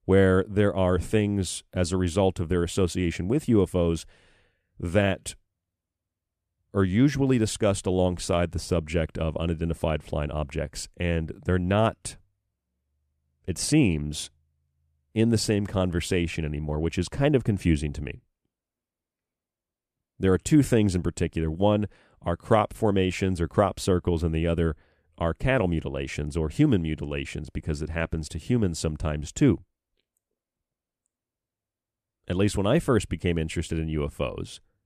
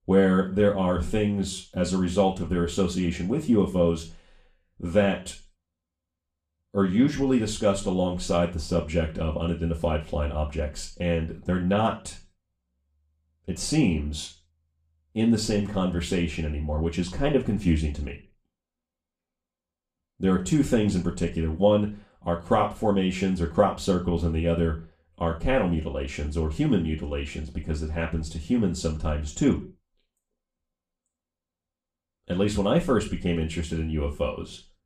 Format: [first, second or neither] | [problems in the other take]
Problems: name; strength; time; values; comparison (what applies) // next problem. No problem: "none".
first | room echo; slight; dies away in 0.3 s // off-mic speech; far